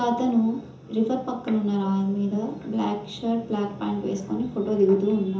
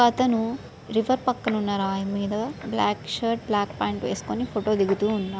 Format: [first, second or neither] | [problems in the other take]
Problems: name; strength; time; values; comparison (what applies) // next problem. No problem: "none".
second | room echo; dies away in 0.6 s